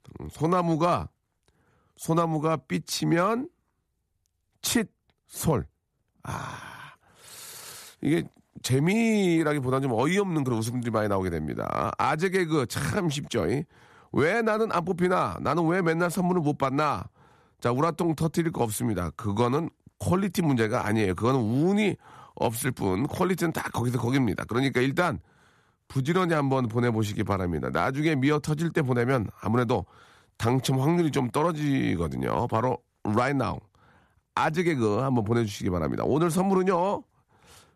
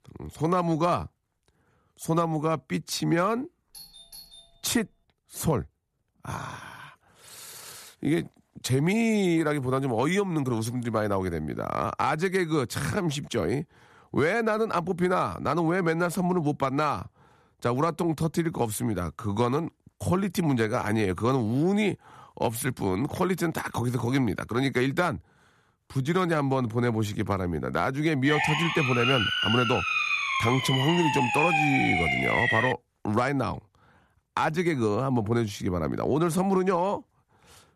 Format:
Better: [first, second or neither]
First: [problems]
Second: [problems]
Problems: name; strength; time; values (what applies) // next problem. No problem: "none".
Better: first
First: none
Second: doorbell; faint; from 3.5 to 5 s; peak 20 dB below the speech // siren; loud; from 28 to 33 s; peak 4 dB above the speech